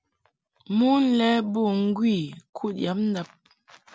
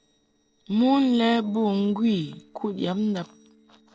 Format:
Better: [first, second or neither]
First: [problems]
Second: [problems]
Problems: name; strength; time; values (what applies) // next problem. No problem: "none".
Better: first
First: none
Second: noise reduction (neural separator model SepFormer DNS4)